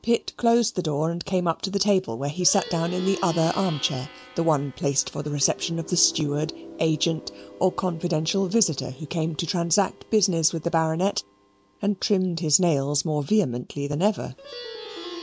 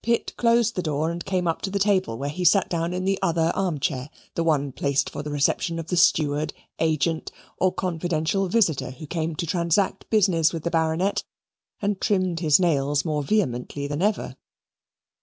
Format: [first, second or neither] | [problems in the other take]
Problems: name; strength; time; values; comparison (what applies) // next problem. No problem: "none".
second | background sound (Plucked string instrument); 18 dB below the speech